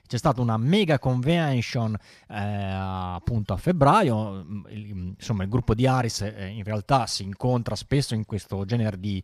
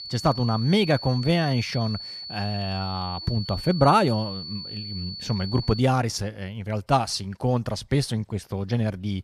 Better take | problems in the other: first | high-pitched whine; loud; until 6 s; 4.5 kHz, 9 dB below the speech

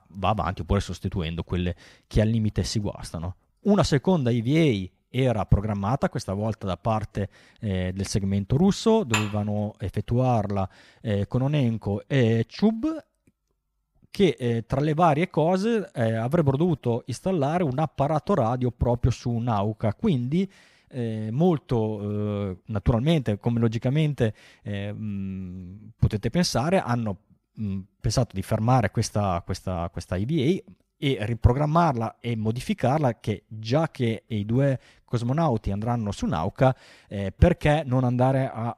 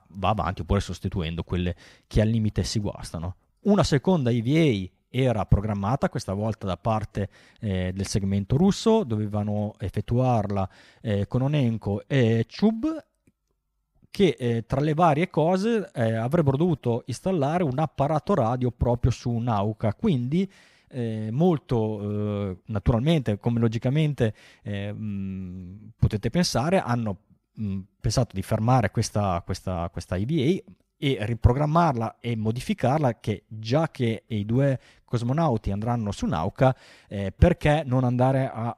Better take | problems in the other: second | clattering dishes; noticeable; at 9 s; peak 3 dB below the speech

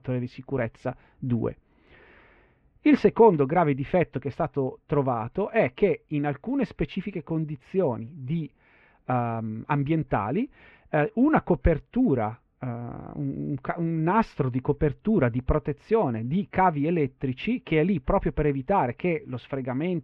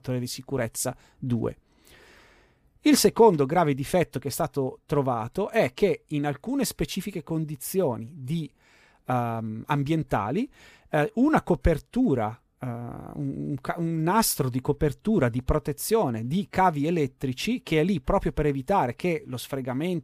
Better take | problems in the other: second | muffled; very; fading above 2.5 kHz

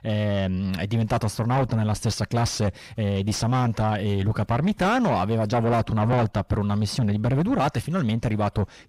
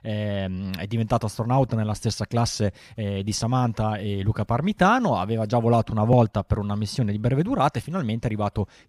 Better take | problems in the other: second | distortion; heavy; 8 dB below the speech

